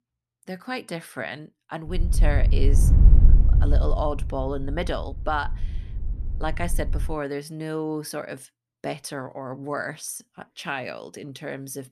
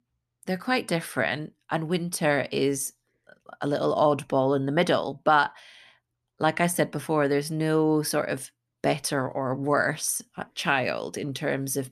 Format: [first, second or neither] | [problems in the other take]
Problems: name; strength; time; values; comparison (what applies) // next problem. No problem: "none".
second | wind noise on the microphone; occasional gusts; from 2 to 7 s; 10 dB below the speech